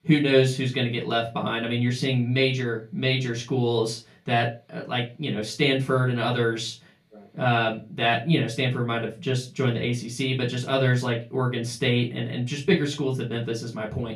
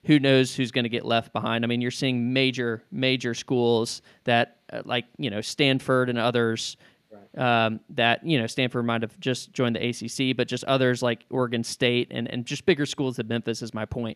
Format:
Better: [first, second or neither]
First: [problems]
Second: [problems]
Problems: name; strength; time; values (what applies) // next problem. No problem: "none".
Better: second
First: off-mic speech; far // room echo; very slight; dies away in 0.2 s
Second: none